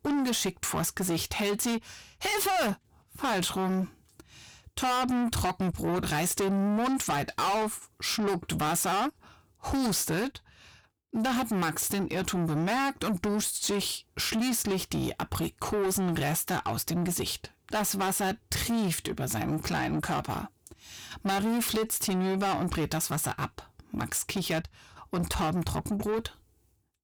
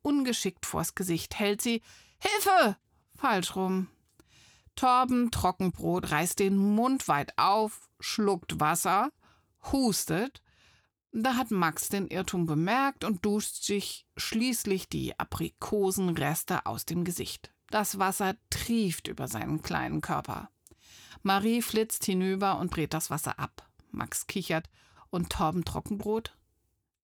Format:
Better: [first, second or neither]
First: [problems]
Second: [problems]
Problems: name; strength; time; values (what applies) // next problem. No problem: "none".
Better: second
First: distortion; heavy; 6 dB below the speech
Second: none